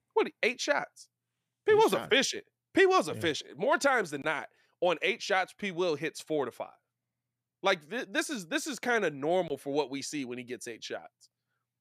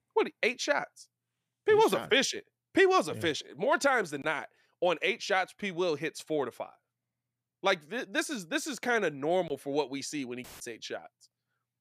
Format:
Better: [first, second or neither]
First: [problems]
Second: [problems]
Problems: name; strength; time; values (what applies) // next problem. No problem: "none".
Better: first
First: none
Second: audio cutting out; filled with static; at 10 s